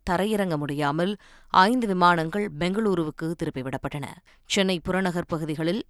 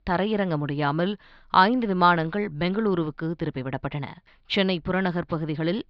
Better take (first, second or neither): first